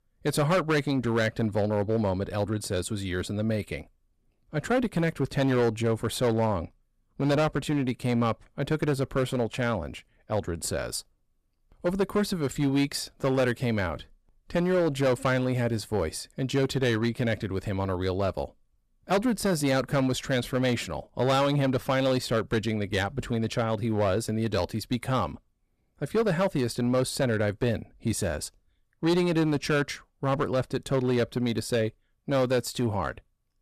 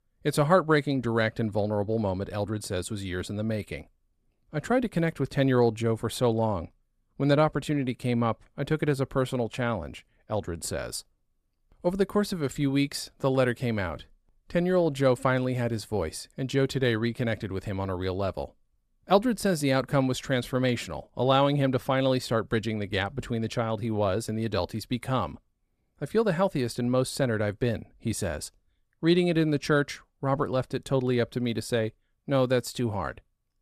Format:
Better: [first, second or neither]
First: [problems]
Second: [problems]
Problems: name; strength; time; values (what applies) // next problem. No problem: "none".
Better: second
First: distortion; slight; 7% of the sound clipped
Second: none